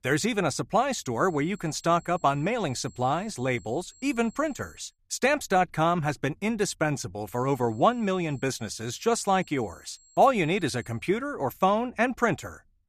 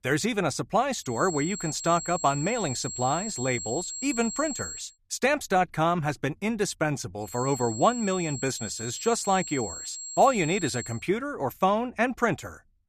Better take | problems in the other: first | high-pitched whine; loud; from 1 to 5 s and from 7.5 to 11 s; 7.5 kHz, 8 dB below the speech; faint in the first

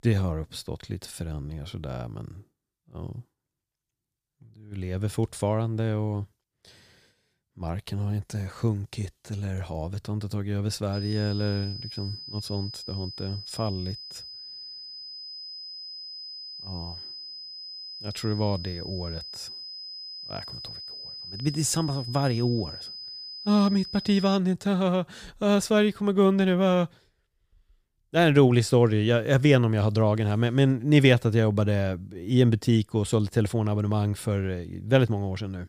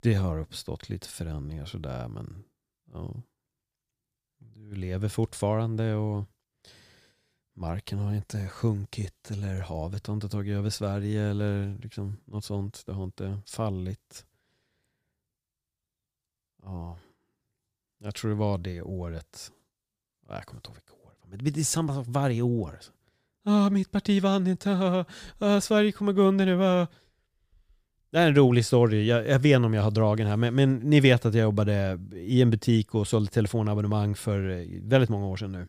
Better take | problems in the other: second | high-pitched whine; noticeable; from 11 to 24 s; 5 kHz, 10 dB below the speech

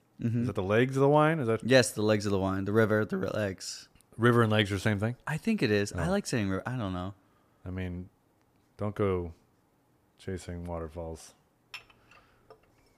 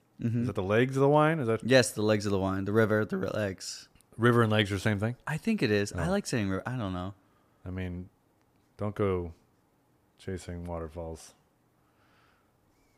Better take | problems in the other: second | clattering dishes; faint; at 12 s; peak 20 dB below the speech

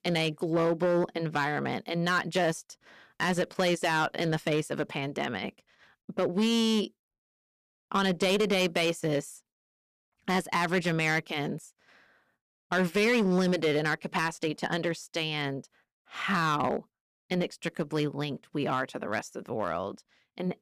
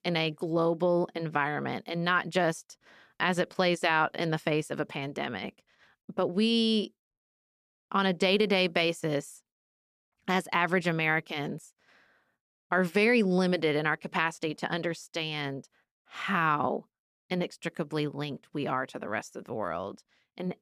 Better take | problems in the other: second | distortion; slight; 6% of the sound clipped

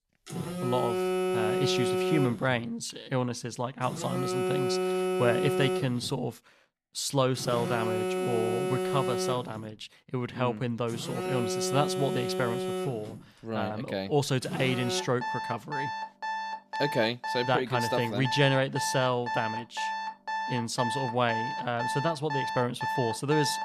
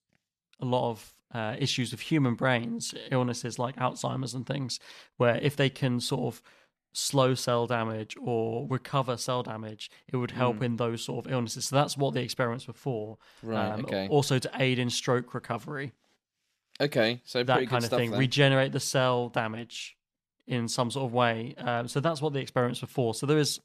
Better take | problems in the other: second | alarms or sirens; loud; throughout; 2 dB below the speech

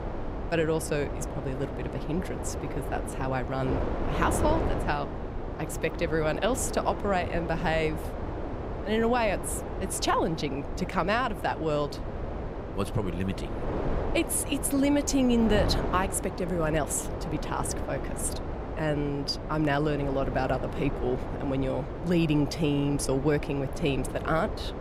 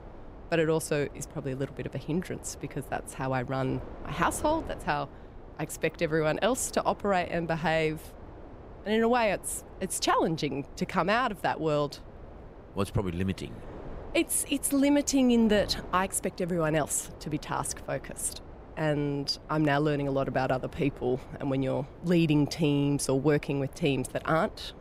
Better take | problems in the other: second | wind noise on the microphone; heavy; 7 dB below the speech; occasional gusts in the second

